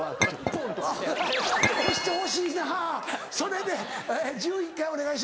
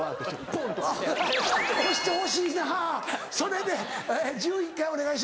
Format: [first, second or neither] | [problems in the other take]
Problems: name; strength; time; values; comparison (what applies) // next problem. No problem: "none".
second | background sound (Chink, clink); 3 dB below the speech